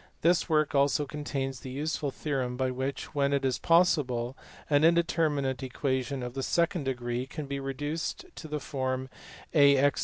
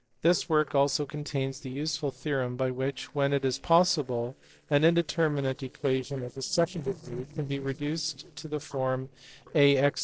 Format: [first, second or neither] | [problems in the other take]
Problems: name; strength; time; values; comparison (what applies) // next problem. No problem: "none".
first | noise reduction (neural separator model SepFormer DNS4)